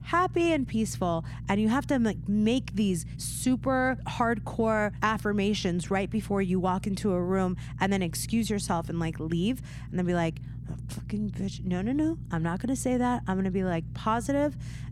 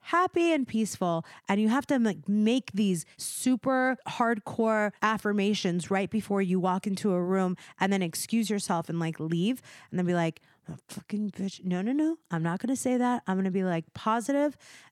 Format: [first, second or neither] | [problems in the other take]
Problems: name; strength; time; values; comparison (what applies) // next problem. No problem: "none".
second | low rumble; faint; throughout; 20 dB below the speech